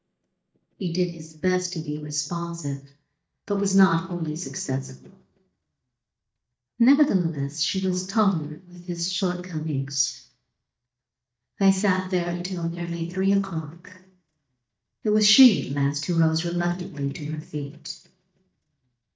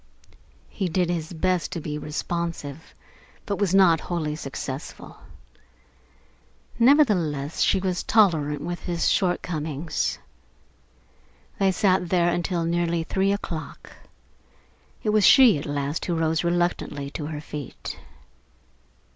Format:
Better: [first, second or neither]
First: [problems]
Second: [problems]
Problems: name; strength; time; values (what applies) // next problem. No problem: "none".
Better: second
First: noise reduction (neural mask model DeepFilterNet 3)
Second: none